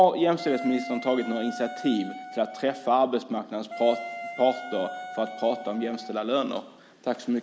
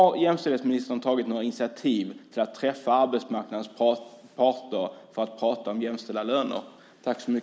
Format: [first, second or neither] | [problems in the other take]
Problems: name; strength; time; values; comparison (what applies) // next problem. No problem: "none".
second | background sound (Wind instrument, woodwind instrument); 12 dB below the speech